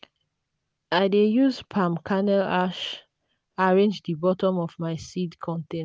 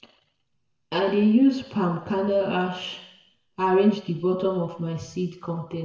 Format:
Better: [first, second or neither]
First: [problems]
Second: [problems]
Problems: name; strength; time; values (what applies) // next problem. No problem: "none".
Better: first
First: none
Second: room echo; dies away in 0.8 s